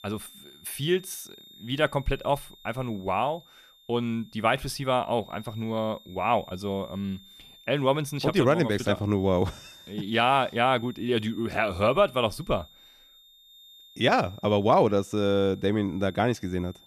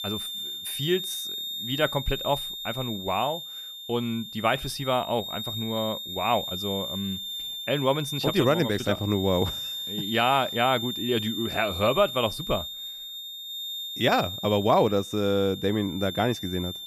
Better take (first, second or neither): first